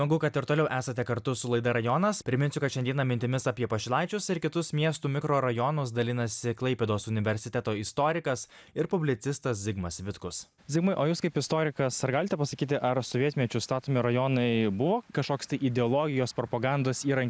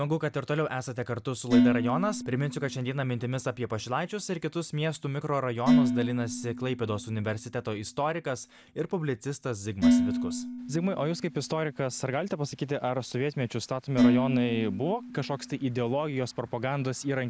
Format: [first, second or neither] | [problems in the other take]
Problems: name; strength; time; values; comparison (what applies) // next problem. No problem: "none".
first | background sound (Dishes, pots, and pans); 1 dB below the speech